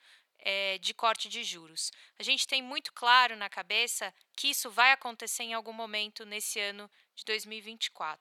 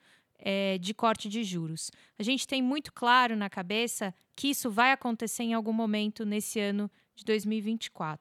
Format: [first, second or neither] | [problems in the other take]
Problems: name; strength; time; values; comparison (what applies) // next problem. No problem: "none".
second | thin; very; fading below 750 Hz